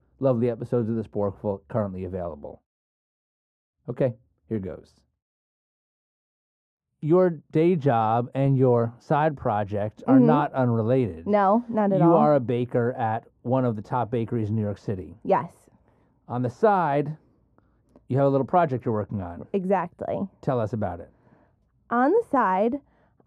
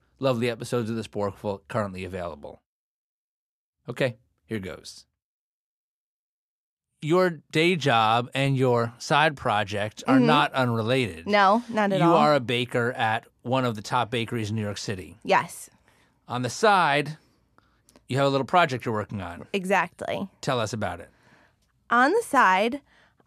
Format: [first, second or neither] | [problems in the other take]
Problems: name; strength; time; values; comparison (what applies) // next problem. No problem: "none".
second | muffled; very; fading above 1.5 kHz